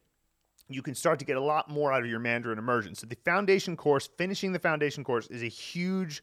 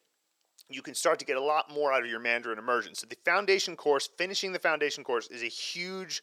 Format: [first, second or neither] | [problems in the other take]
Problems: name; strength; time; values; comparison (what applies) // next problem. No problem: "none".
first | thin; somewhat; fading below 450 Hz